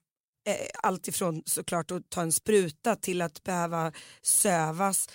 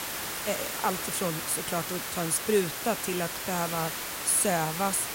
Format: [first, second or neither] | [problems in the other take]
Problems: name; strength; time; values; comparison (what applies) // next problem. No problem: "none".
first | hiss; loud; throughout; 3 dB below the speech